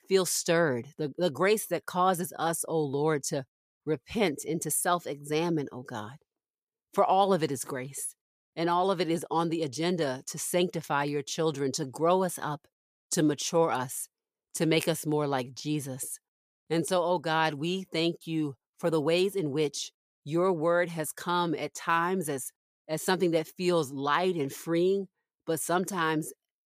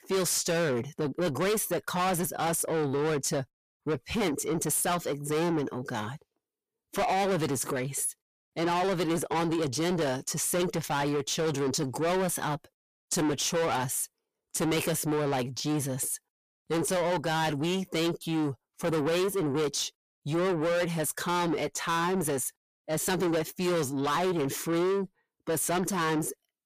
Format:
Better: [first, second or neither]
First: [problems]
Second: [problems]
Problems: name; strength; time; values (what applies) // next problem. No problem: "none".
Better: first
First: none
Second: distortion; heavy; 6 dB below the speech